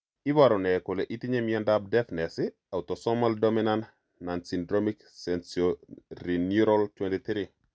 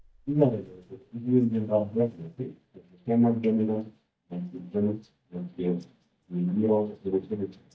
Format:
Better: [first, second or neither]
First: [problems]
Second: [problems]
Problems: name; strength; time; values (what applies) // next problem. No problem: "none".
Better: first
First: none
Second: noise reduction (neural mask model DeepFilterNet 3)